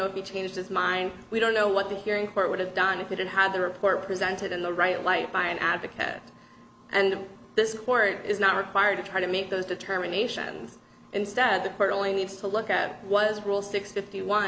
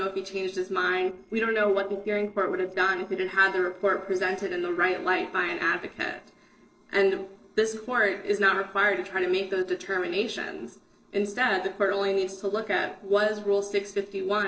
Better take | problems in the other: first | noise reduction (neural separator model SepFormer DNS4)

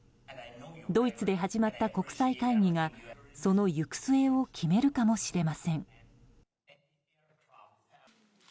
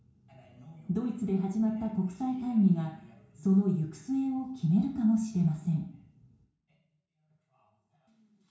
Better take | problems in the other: first | room echo; dies away in 0.6 s

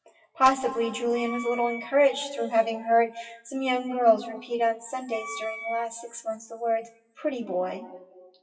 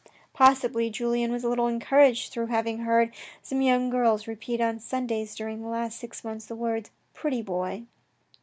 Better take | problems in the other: second | noise reduction (classical method WPE with log-MMSE)

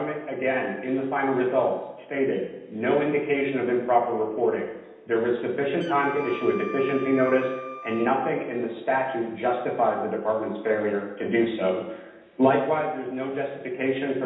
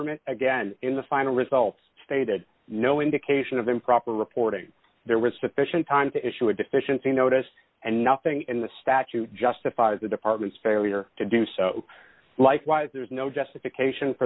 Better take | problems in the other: second | background sound (Wind instrument, woodwind instrument); 14 dB below the speech // room echo; dies away in 0.9 s

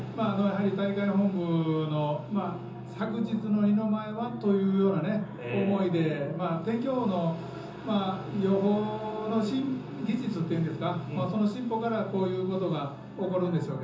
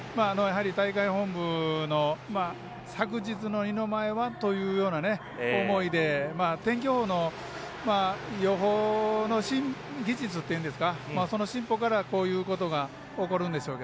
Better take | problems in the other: second | room echo; dies away in 0.6 s

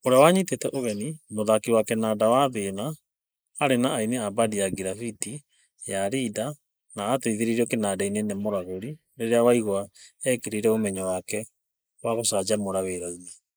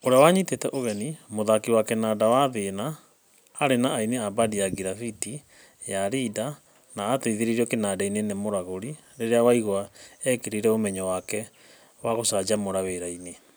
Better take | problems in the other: second | noise reduction (neural mask model Resemble Enhance denoiser)

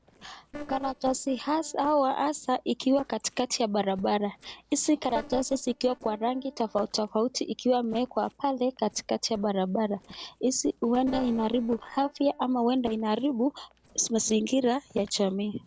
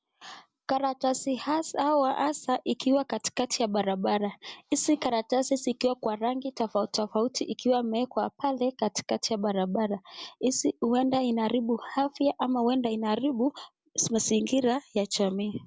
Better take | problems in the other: second | noise reduction (neural separator model SepFormer DNS4)

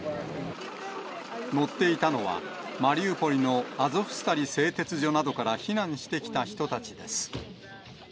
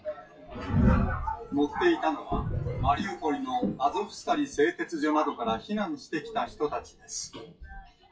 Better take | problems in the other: first | noise reduction (classical method WPE with log-MMSE)

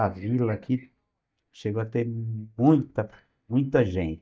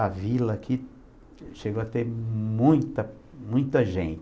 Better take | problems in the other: second | noise reduction (neural mask model DeepFilterNet 3)

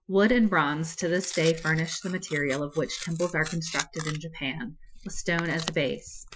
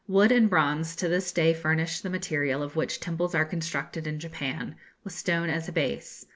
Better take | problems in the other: second | noise reduction (classical method Wiener filter)

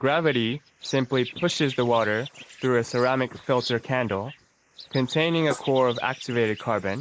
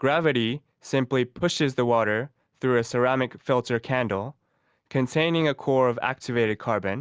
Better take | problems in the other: second | noise reduction (neural mask model Resemble Enhance denoiser)

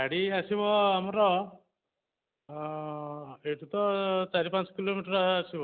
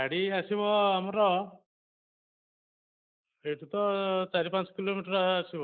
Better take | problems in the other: first | noise reduction (neural mask model Resemble Enhance denoiser)

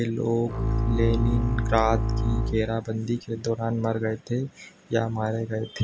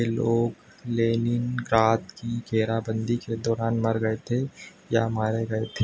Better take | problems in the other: second | background sound (Bowed string instrument); 1 dB above the speech

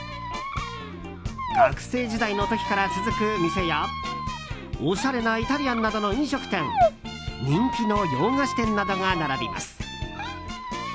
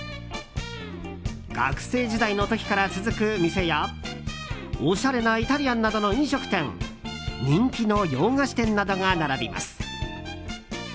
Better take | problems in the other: second | background sound (Squeak); 3 dB below the speech

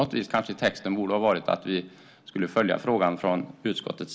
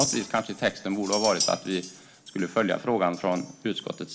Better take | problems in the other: first | background sound (Chink, clink); 8 dB below the speech

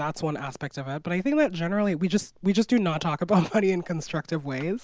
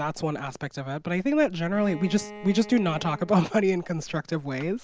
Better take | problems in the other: first | background sound (Bowed string instrument); 17 dB below the speech

